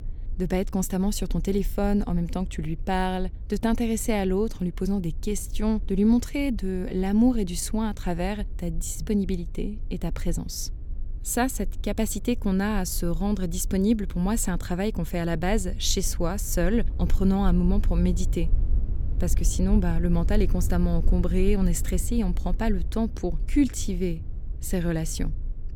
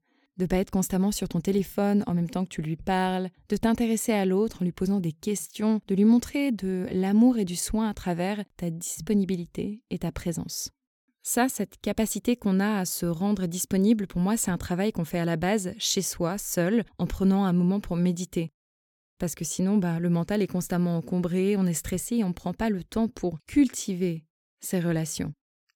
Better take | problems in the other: second | low rumble; faint; throughout; 20 dB below the speech

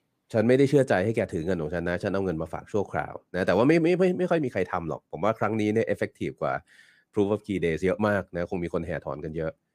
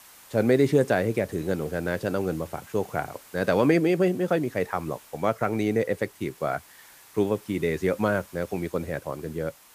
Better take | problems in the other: first | hiss; faint; throughout; 25 dB below the speech

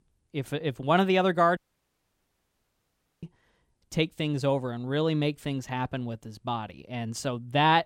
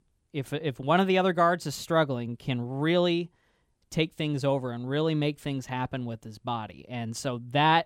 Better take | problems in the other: second | audio cutting out; at 1.5 s for 1.5 s

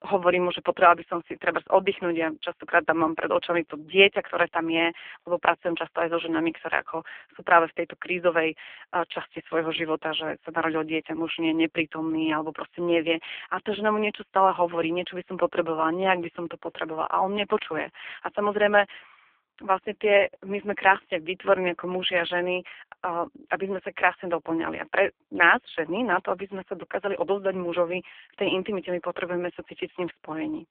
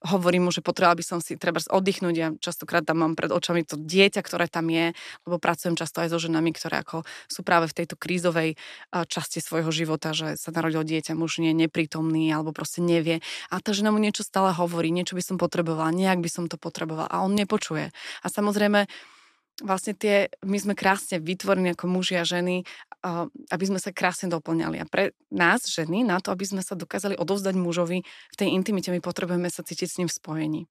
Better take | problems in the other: second | phone-call audio; poor line

